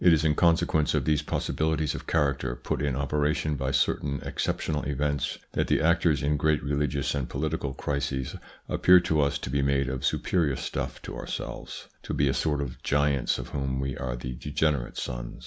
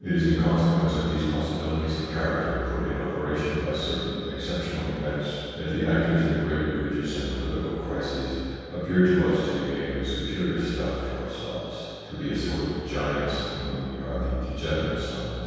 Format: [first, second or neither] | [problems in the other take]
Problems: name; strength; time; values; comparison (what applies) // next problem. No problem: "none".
first | room echo; dies away in 2.2 s